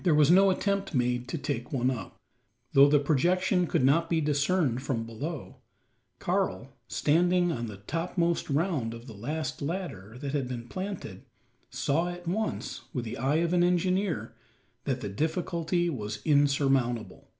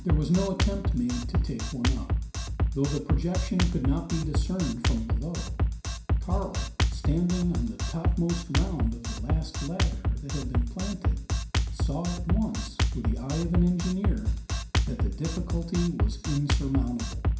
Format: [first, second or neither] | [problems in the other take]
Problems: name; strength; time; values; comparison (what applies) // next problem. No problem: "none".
first | background sound (Drum kit); 3 dB above the speech // room echo; dies away in 0.5 s